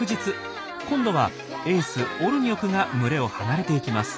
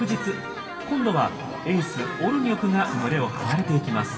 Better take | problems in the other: first | background sound (Writing); 14 dB below the speech // room echo; dies away in 2.6 s

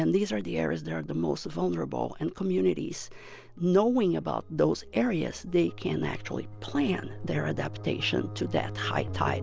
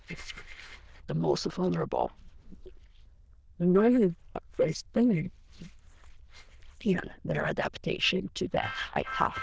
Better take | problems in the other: first | noise reduction (neural diffusion model UNIVERSE++)

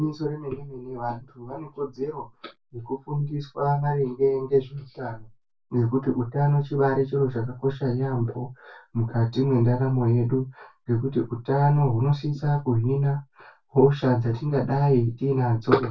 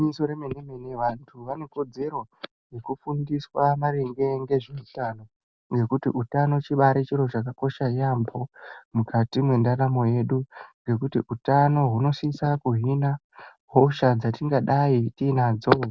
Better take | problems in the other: second | room echo; dies away in 0.2 s

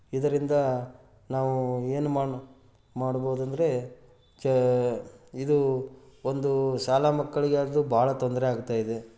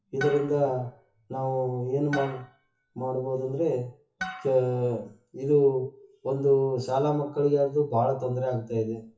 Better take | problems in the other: first | noise reduction (classical method WPE with log-MMSE)

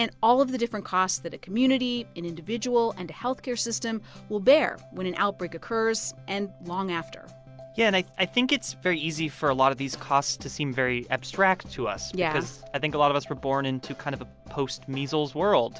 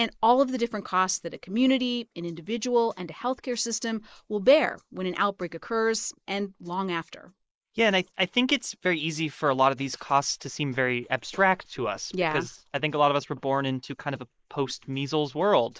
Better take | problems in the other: first | noise reduction (neural mask model Resemble Enhance denoiser)

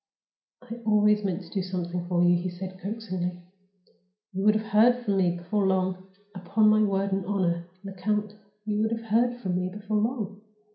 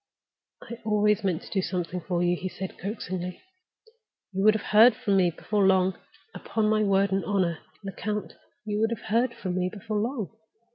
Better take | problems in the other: second | room echo; dies away in 0.5 s

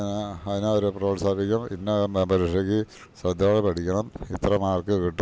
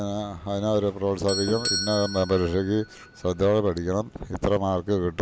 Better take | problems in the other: first | background sound (Doorbell); 11 dB below the speech

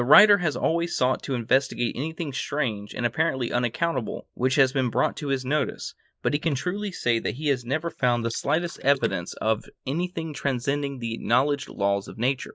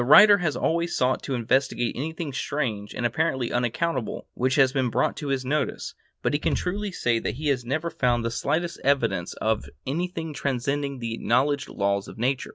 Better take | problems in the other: second | noise reduction (neural mask model Resemble Enhance denoiser)

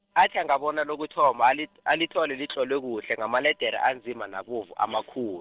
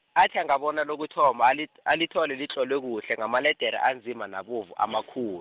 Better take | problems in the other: second | noise reduction (neural separator model SepFormer DNS4)

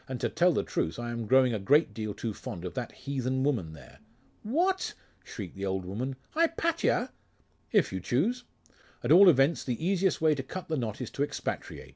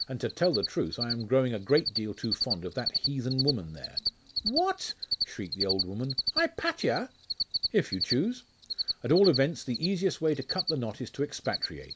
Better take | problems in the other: first | background sound (Cricket); 5 dB below the speech

